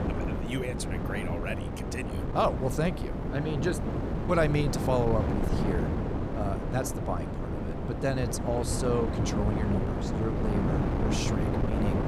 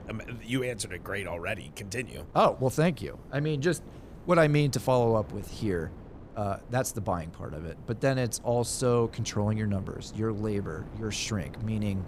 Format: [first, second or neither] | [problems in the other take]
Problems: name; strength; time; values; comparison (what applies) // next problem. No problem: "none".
second | wind noise on the microphone; heavy; 3 dB below the speech; occasional gusts in the second